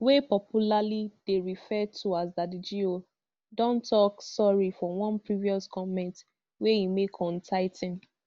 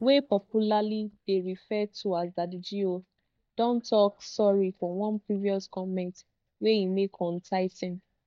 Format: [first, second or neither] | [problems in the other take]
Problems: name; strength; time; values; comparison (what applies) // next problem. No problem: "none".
first | noise reduction (neural mask model DeepFilterNet 3)